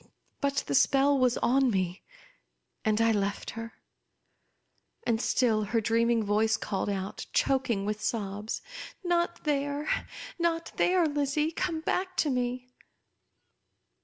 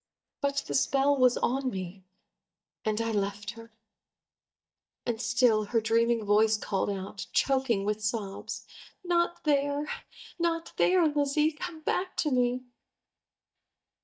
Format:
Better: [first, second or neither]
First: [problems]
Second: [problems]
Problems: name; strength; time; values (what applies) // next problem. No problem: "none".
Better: first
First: none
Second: noise reduction (neural mask model DeepFilterNet 3)